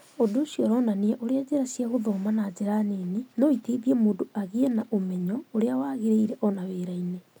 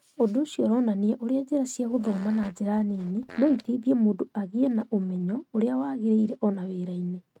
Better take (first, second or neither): first